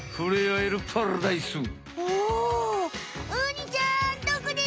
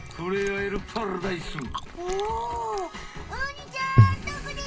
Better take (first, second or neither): first